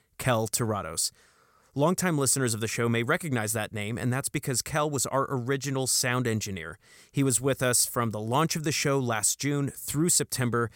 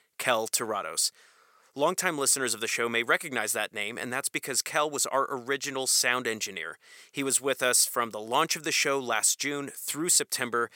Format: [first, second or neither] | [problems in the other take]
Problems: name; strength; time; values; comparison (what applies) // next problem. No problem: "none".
first | thin; somewhat; fading below 400 Hz